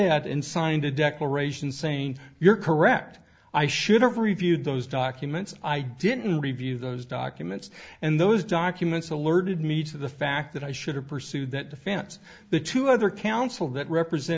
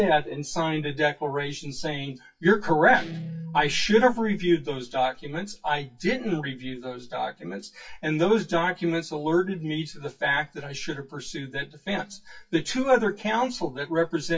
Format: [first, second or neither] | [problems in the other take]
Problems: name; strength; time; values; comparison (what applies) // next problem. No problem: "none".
first | noise reduction (classical method WPE with log-MMSE)